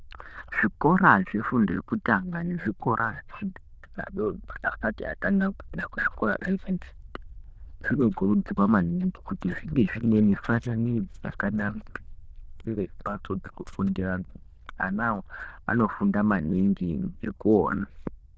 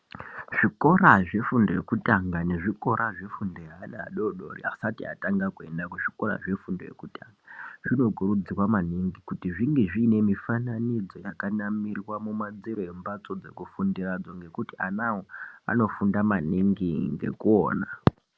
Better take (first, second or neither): second